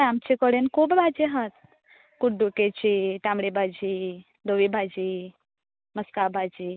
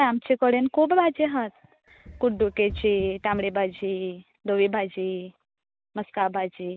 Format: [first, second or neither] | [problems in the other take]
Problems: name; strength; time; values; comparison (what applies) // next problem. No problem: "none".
first | background sound (Run); 16 dB below the speech